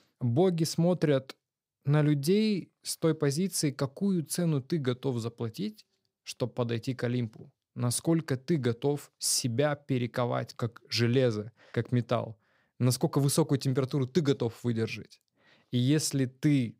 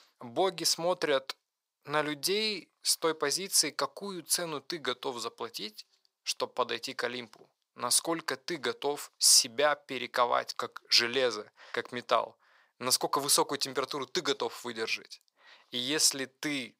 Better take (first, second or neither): first